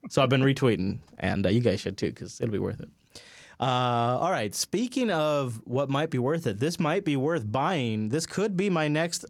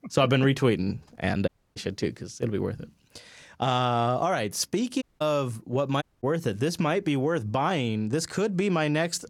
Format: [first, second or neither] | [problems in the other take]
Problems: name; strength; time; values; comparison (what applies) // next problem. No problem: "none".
first | audio cutting out; at 1.5 s, at 5 s and at 6 s